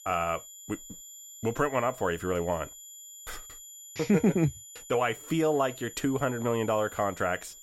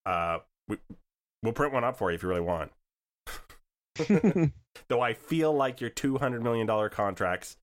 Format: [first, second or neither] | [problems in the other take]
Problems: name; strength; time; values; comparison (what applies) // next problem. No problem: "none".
second | high-pitched whine; noticeable; throughout; 7 kHz, 15 dB below the speech